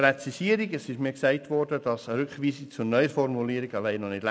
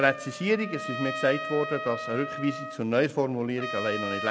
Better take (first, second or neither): first